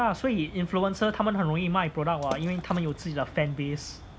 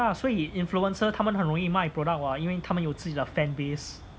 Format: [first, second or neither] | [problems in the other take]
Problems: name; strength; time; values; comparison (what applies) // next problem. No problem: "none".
second | background sound (Water / Splash, splatter); 17 dB below the speech